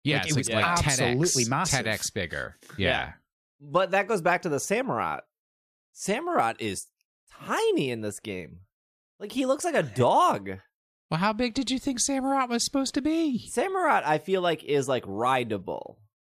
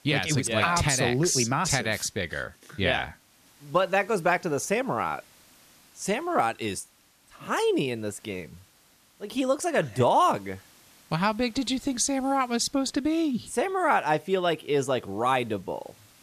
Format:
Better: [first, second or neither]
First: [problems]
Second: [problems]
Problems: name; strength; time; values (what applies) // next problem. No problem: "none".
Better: first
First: none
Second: hiss; faint; throughout; 30 dB below the speech